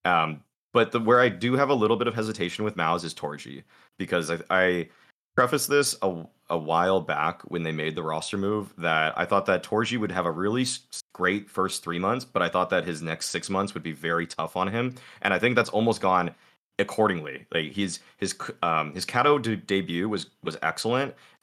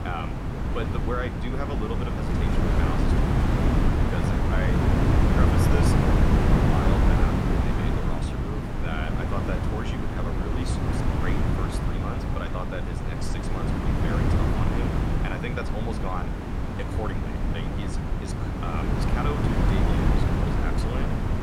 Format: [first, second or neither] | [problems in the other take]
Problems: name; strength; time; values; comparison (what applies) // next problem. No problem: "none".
first | wind noise on the microphone; heavy; 5 dB above the speech